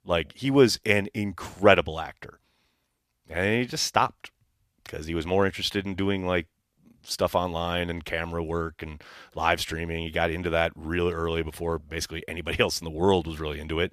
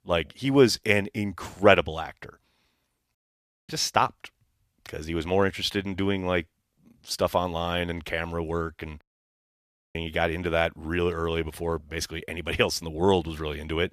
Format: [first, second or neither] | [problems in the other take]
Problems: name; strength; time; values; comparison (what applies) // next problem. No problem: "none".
first | audio cutting out; at 3 s for 0.5 s and at 9 s for 1 s